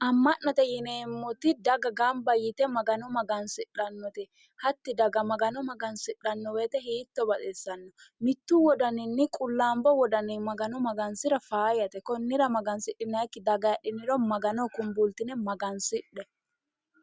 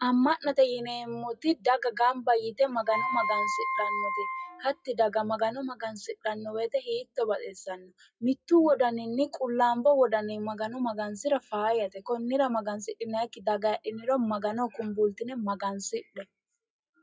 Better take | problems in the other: first | noise reduction (classical method WPE with log-MMSE)

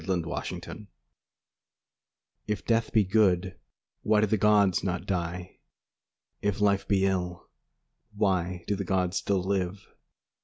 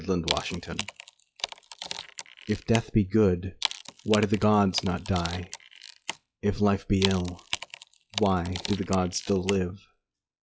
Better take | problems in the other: first | noise reduction (classical method log-MMSE)

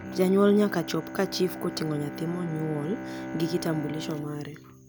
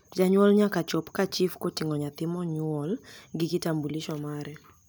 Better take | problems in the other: second | background sound (Bowed string instrument); 10 dB below the speech

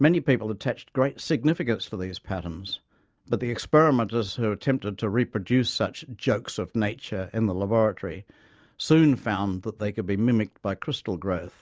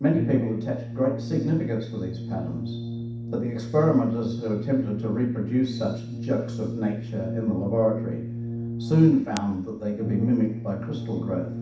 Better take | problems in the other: first | background sound (Brass instrument); 6 dB below the speech // room echo; dies away in 0.7 s

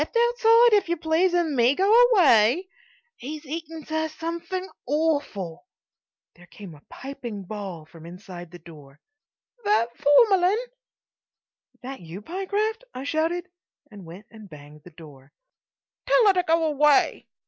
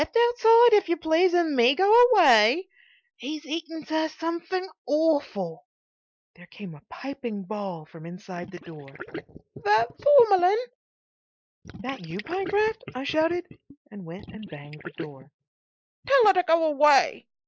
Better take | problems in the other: first | noise reduction (neural mask model Resemble Enhance denoiser)

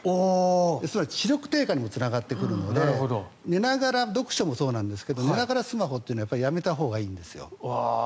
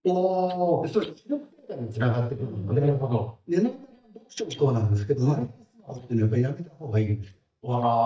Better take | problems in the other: first | noise reduction (neural mask model DeepFilterNet 3)

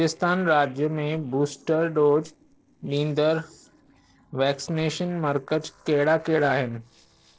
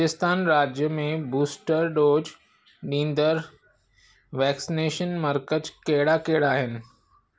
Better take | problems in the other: second | noise reduction (neural separator model SepFormer DNS4)

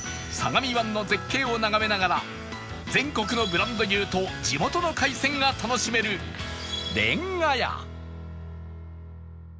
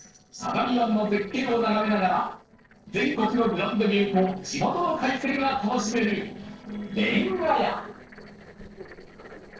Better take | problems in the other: first | noise reduction (neural separator model SepFormer DNS4)

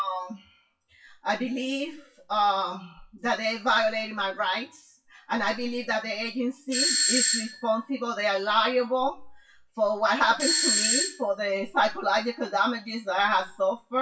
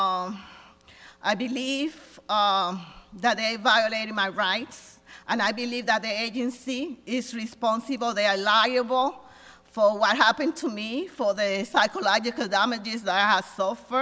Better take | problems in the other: second | noise reduction (classical method WPE with log-MMSE)

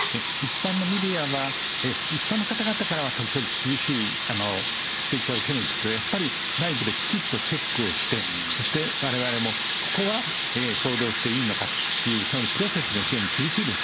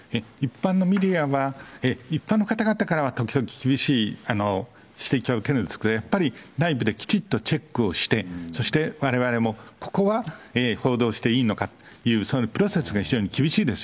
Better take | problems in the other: second | background sound (Sink (filling or washing) / Water tap, faucet); 1 dB above the speech

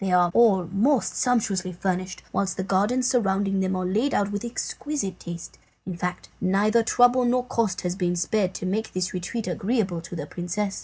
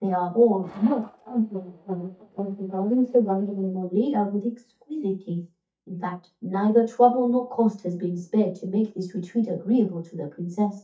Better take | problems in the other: first | noise reduction (neural mask model DeepFilterNet 3)

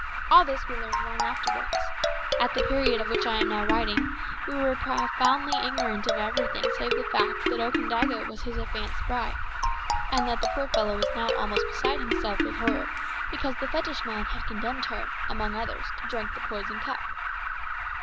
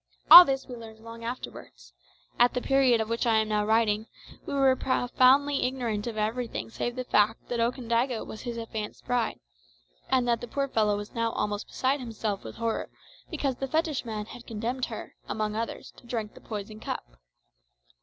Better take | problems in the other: second | background sound (Marimba, xylophone + Alarm); 2 dB above the speech

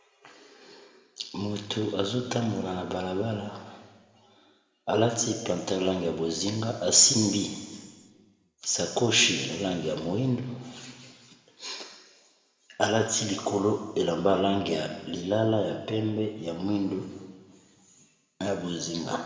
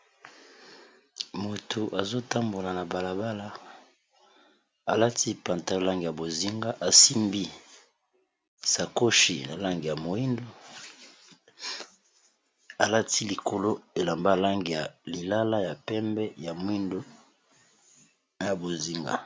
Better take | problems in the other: second | room echo; dies away in 1.5 s

